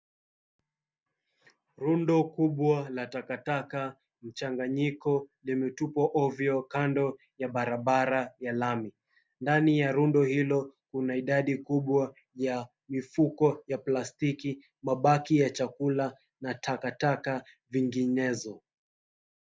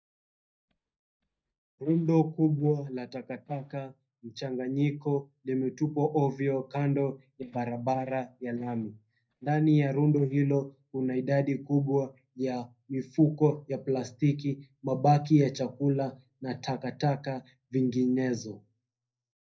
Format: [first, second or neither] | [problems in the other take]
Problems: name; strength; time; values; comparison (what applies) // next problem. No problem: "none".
first | noise reduction (neural mask model DeepFilterNet 3)